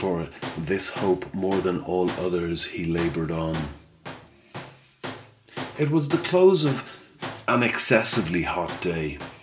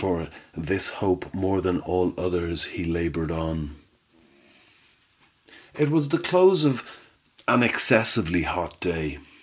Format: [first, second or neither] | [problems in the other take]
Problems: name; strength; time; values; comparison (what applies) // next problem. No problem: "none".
second | background sound (Tools); 14 dB below the speech // room echo; dies away in 0.5 s